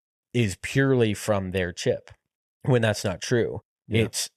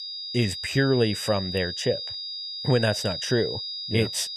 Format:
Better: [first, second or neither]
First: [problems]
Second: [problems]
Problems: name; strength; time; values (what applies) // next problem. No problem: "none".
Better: first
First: none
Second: high-pitched whine; loud; throughout; 5 kHz, 5 dB below the speech